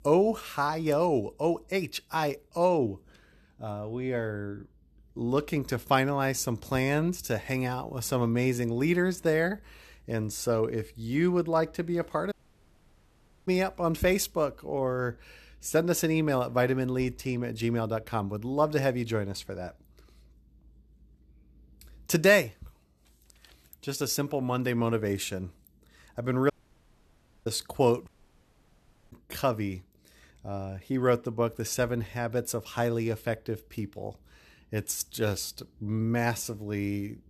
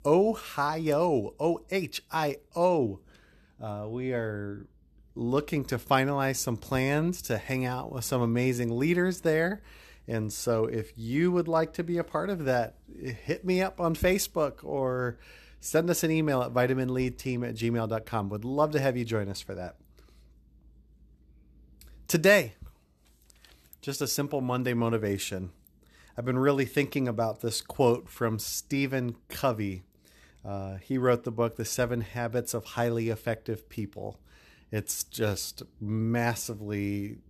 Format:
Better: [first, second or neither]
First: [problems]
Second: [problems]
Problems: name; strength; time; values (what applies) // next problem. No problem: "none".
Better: second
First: audio cutting out; at 12 s for 1 s, at 27 s for 1 s and at 28 s for 1 s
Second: none